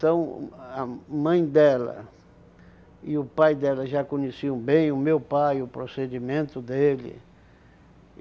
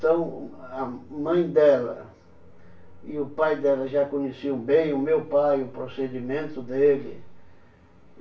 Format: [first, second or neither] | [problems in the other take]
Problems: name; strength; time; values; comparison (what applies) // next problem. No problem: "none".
first | room echo; dies away in 0.3 s